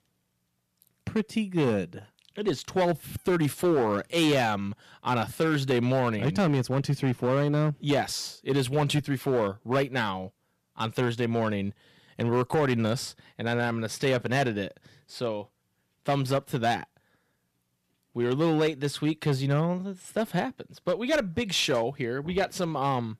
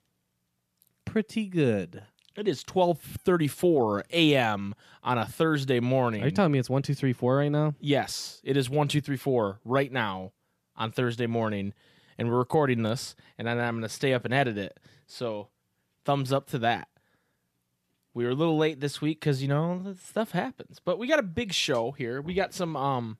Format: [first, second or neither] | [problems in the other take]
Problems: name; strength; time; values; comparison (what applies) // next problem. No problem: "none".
second | distortion; slight; 6% of the sound clipped